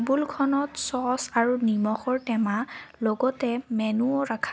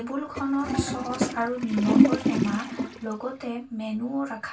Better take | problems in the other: first | background sound (Toilet flush); 4 dB above the speech // room echo; dies away in 0.2 s

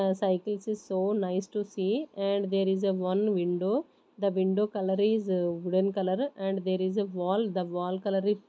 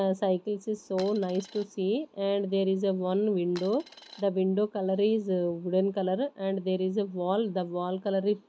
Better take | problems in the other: first | background sound (Coin (dropping)); 19 dB below the speech

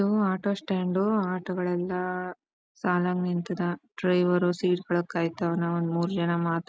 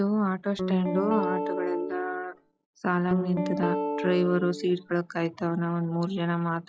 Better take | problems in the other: first | noise reduction (classical method log-MMSE)

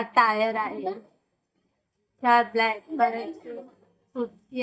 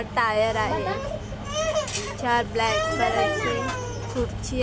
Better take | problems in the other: second | noise reduction (neural mask model DeepFilterNet 3)

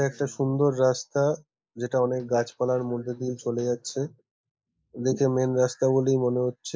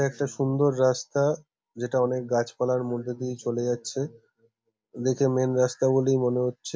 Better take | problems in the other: second | noise reduction (neural mask model Resemble Enhance denoiser)

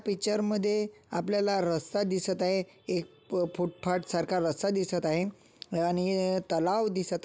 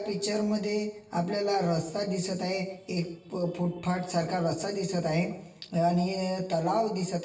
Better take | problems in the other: first | room echo; dies away in 0.8 s

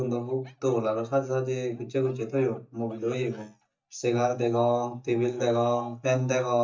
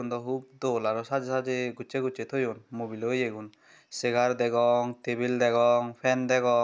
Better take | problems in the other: second | noise reduction (neural mask model DeepFilterNet 3)

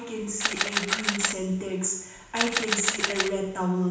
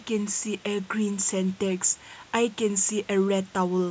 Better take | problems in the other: second | background sound (Camera); as loud as the speech // room echo; dies away in 0.9 s

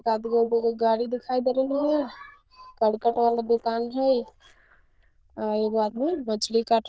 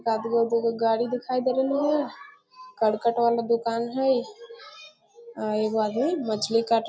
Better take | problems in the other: second | noise reduction (neural diffusion model UNIVERSE++)

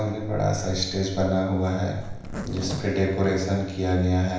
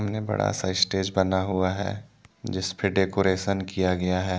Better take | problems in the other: second | background sound (Zipper (clothing)); 13 dB below the speech // room echo; dies away in 0.9 s

